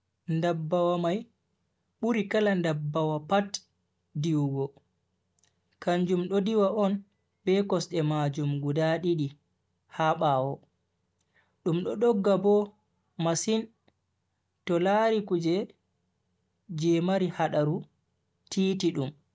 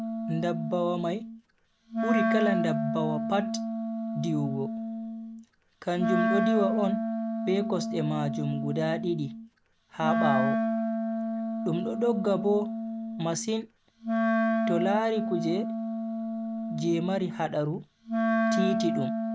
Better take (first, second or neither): first